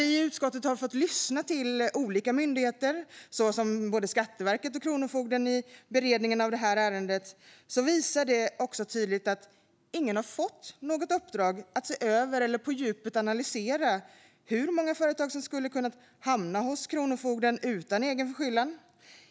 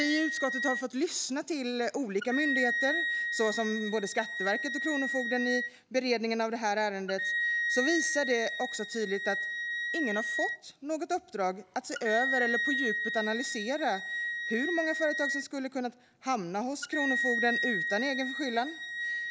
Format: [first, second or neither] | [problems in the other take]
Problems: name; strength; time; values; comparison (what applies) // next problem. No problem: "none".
first | background sound (Wind instrument, woodwind instrument); 2 dB below the speech